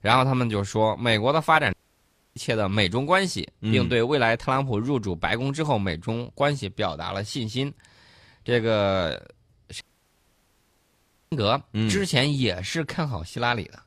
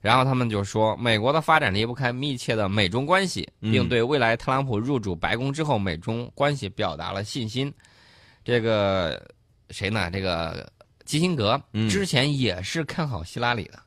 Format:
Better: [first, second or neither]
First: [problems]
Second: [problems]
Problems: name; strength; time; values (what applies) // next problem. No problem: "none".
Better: second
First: audio cutting out; at 1.5 s for 0.5 s and at 10 s for 1.5 s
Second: none